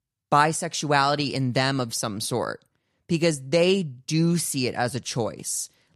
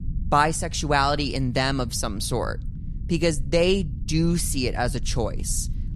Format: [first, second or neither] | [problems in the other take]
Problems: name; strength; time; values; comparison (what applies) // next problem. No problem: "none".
first | low rumble; faint; throughout; 25 dB below the speech